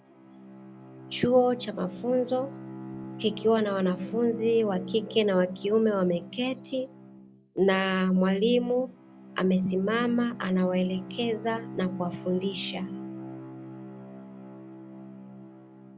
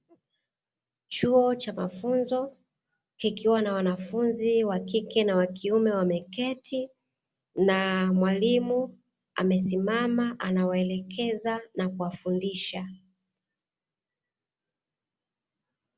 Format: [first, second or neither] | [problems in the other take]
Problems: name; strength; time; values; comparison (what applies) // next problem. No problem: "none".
second | background sound (Bowed string instrument); 14 dB below the speech